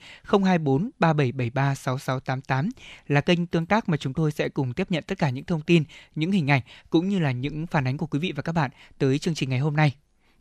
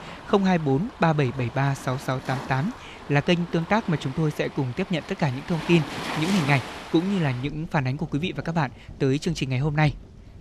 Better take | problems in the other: first | rain or running water; noticeable; throughout; 15 dB below the speech

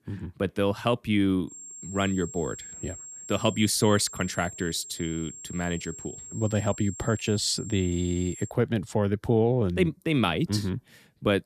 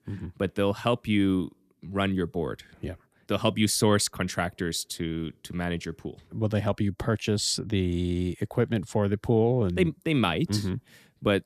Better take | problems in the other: second | high-pitched whine; noticeable; from 1.5 to 8.5 s; 7.5 kHz, 15 dB below the speech

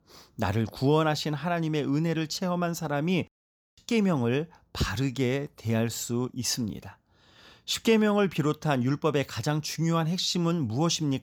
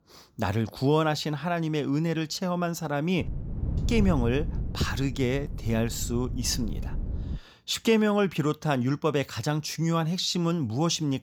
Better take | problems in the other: first | wind noise on the microphone; occasional gusts; from 3 to 7.5 s; 15 dB below the speech

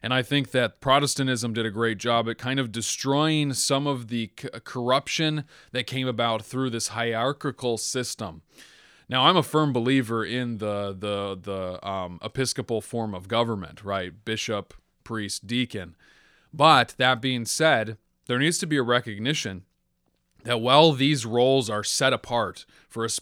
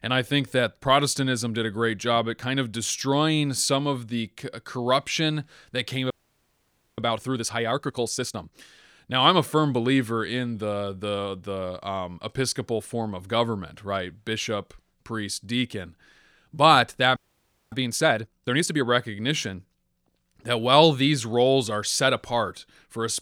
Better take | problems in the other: first | audio freezing; at 6 s for 1 s and at 17 s for 0.5 s

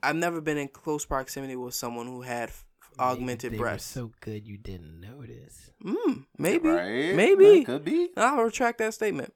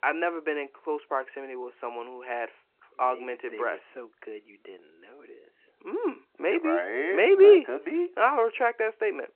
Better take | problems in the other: first | phone-call audio

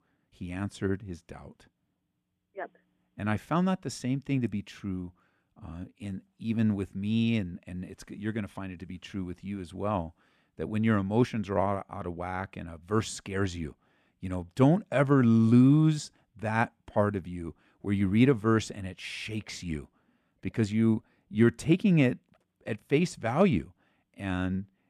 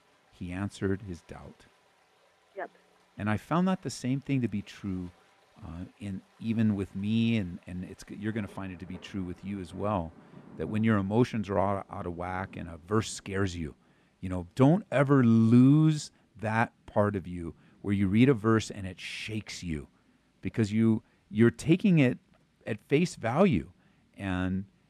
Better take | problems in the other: first | rain or running water; faint; throughout; 30 dB below the speech

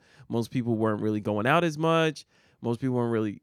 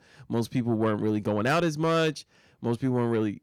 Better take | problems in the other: first | distortion; slight; 10 dB below the speech

